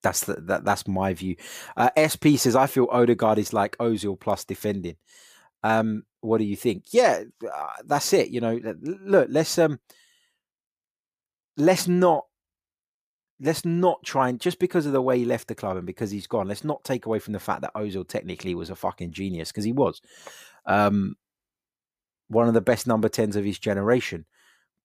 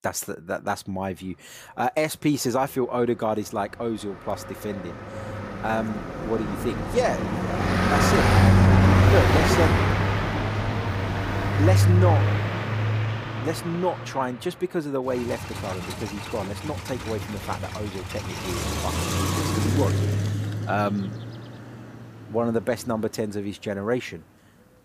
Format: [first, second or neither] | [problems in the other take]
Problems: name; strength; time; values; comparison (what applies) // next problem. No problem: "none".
first | traffic noise; very loud; throughout; 4 dB above the speech